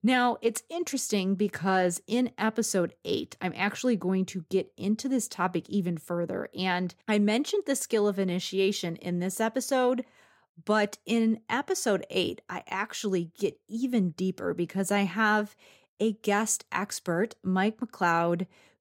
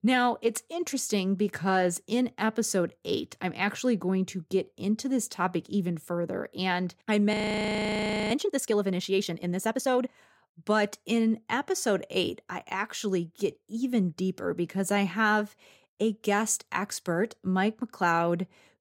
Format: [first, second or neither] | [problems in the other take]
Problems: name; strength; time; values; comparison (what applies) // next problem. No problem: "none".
first | audio freezing; at 7.5 s for 1 s